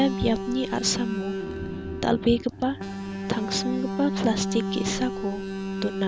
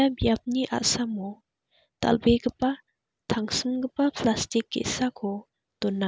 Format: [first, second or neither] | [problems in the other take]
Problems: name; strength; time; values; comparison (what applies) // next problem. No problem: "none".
second | background sound (Alarm); 4 dB below the speech